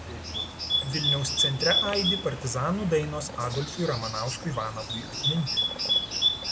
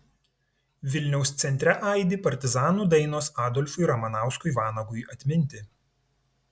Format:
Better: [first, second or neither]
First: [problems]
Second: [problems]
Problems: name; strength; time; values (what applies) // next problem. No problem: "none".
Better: second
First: background sound (Bird); 1 dB above the speech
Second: none